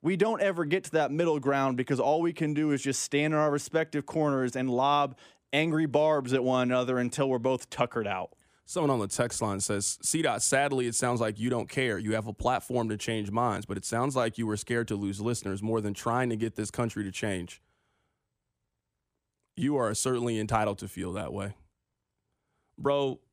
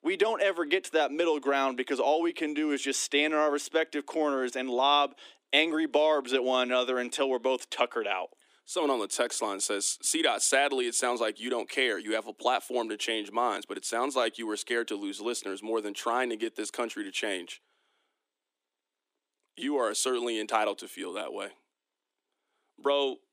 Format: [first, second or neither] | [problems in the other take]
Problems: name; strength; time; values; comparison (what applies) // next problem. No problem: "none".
first | thin; somewhat; fading below 300 Hz